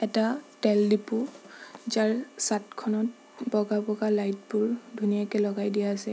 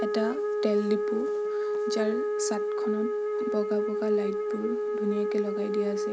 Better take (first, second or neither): first